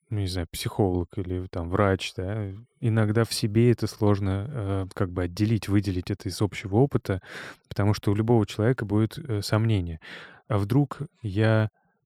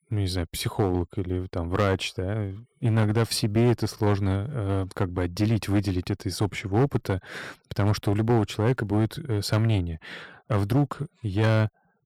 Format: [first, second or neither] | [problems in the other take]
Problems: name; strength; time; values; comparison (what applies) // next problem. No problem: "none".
first | distortion; slight; 5% of the sound clipped